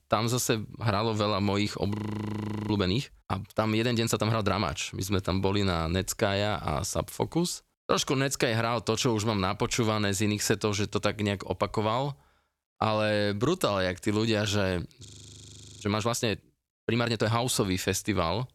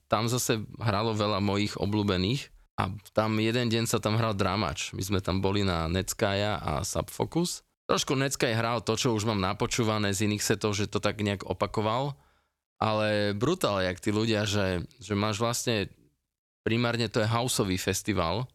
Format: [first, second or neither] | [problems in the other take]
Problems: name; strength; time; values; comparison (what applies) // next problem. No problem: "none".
second | audio freezing; at 2 s for 1 s and at 15 s for 1 s